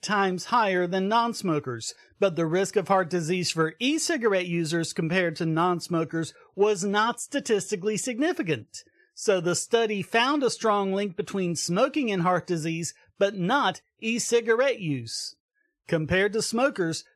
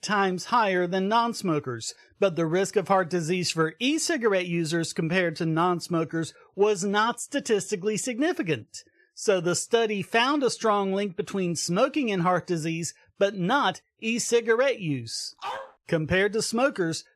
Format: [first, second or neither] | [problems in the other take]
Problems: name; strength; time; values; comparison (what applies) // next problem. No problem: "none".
first | dog barking; noticeable; at 15 s; peak 10 dB below the speech